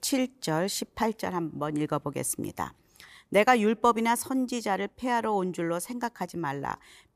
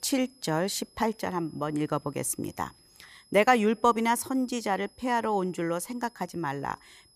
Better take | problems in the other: first | high-pitched whine; faint; throughout; 5 kHz, 30 dB below the speech

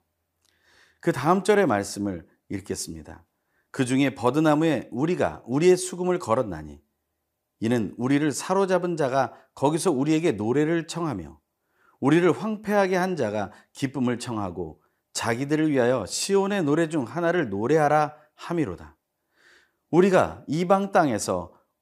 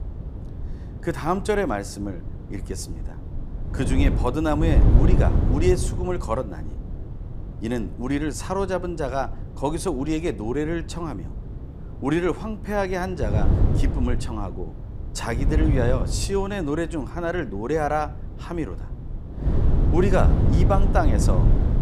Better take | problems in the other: first | wind noise on the microphone; heavy; 10 dB below the speech

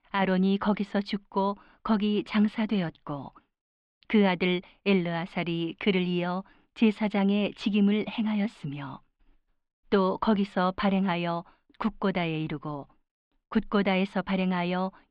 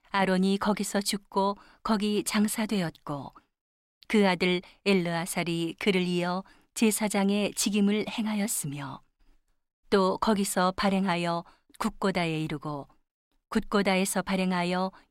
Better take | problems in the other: second | muffled; slightly; fading above 3.5 kHz

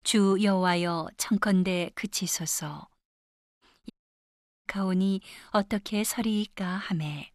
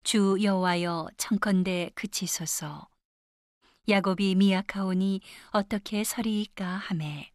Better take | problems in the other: second | audio cutting out; at 4 s for 1 s

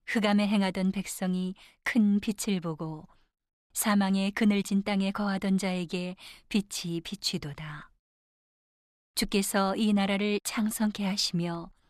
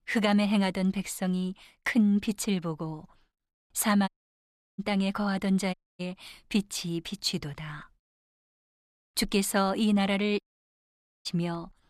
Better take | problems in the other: first | audio cutting out; at 4 s for 0.5 s, at 5.5 s and at 10 s for 1 s

